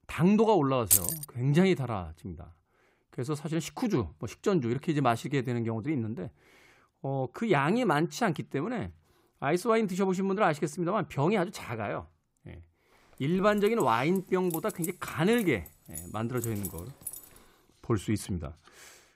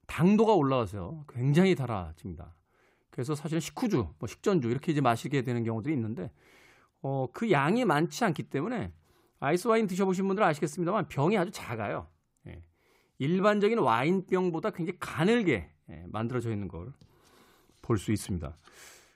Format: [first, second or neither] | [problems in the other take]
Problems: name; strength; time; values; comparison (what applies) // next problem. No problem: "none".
second | jangling keys; loud; at 1 s; peak 5 dB above the speech // jangling keys; noticeable; from 13 to 17 s; peak 9 dB below the speech